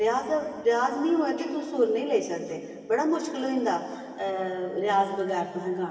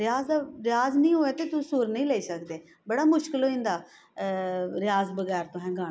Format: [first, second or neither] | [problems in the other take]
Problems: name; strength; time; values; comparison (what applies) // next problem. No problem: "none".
second | room echo; dies away in 2.3 s